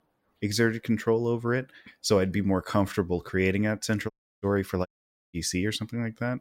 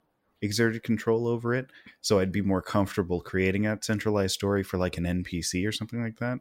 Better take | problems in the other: second | audio cutting out; at 4 s and at 5 s

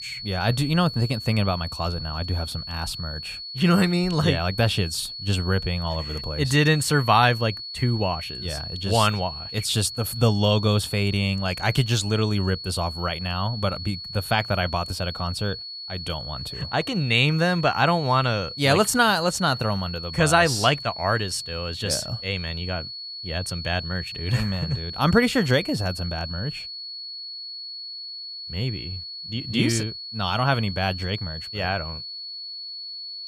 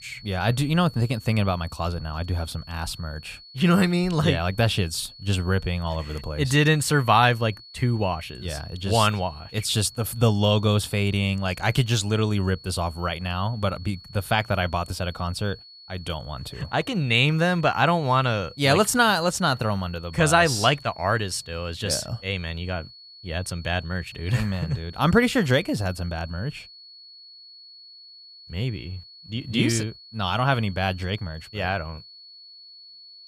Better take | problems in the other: second | high-pitched whine; loud; throughout; 4.5 kHz, 9 dB below the speech; faint in the second

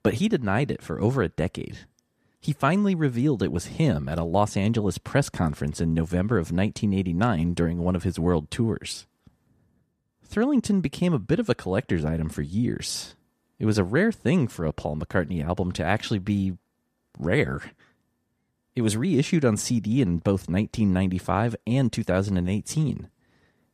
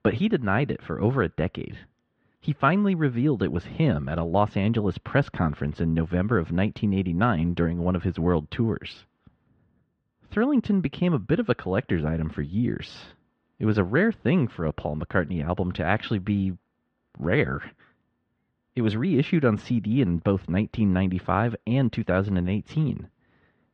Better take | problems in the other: first | muffled; very; fading above 3 kHz

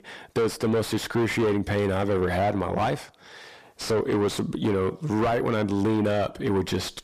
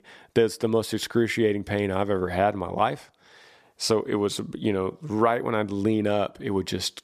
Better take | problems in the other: second | distortion; heavy; 6 dB below the speech

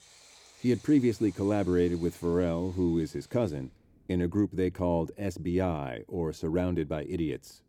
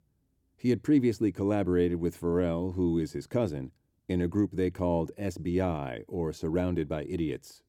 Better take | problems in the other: second | rain or running water; faint; throughout; 25 dB below the speech

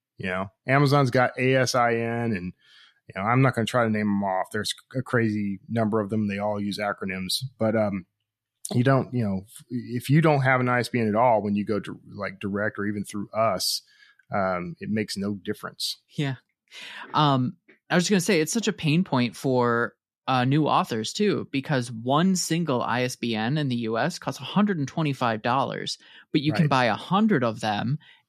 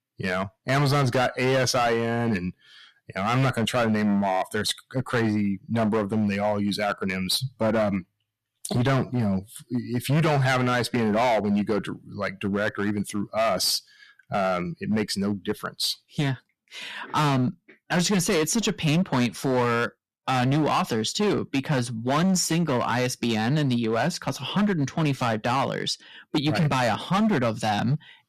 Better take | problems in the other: first | distortion; heavy; 13% of the sound clipped

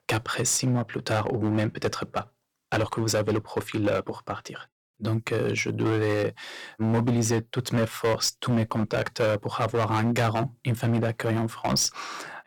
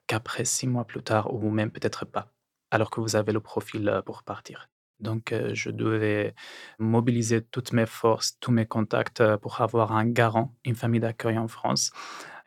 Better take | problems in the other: second | distortion; heavy; 10% of the sound clipped

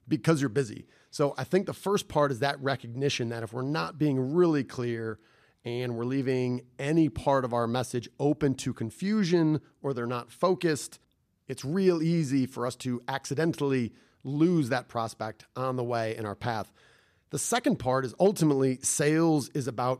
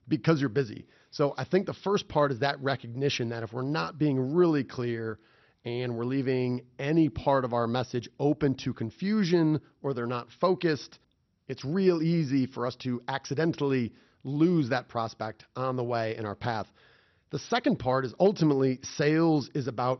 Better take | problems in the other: first | garbled, watery; slightly; nothing above 6 kHz

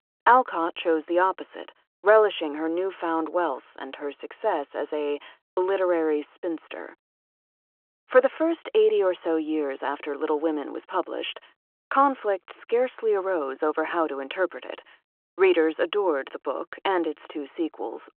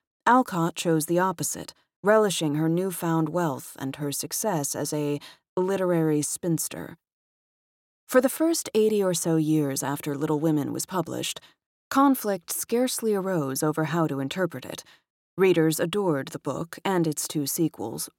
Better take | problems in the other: second | phone-call audio

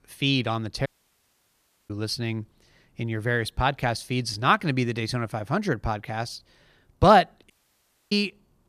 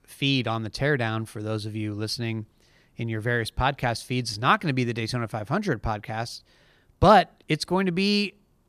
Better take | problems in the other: second | audio cutting out; at 1 s for 1 s and at 7.5 s for 0.5 s

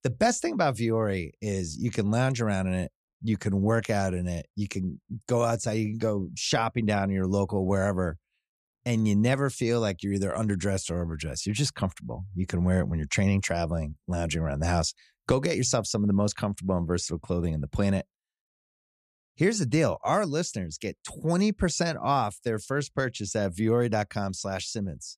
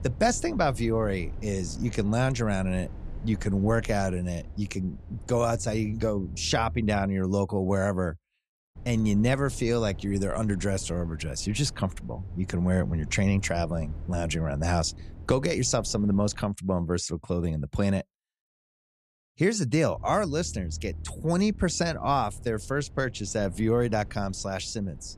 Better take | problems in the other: first | low rumble; faint; until 7 s, from 9 to 16 s and from 20 s on; 25 dB below the speech

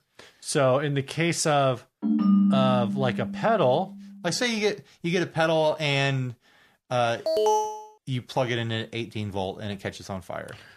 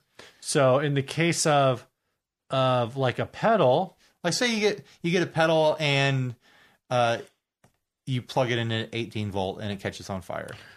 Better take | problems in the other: second | phone ringing; loud; from 2 to 3.5 s; peak 6 dB above the speech // alarm; loud; at 7.5 s; peak 3 dB above the speech

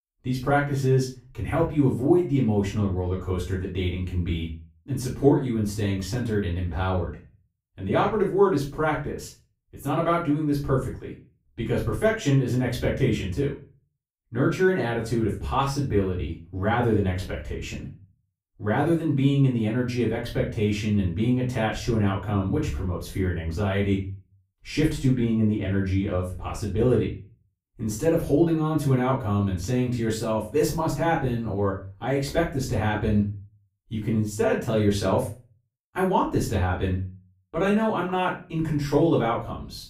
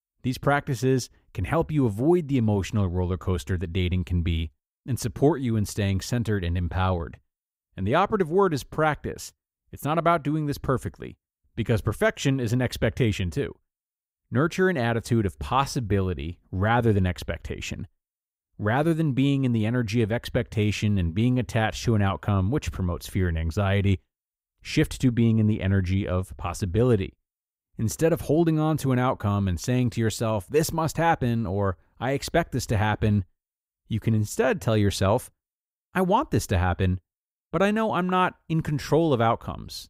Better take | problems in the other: second | off-mic speech; far // room echo; slight; dies away in 0.3 s

